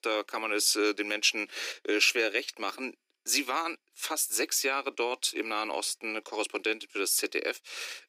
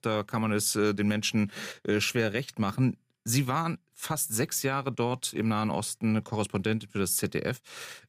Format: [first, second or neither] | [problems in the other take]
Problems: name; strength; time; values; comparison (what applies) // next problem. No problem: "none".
second | thin; very; fading below 300 Hz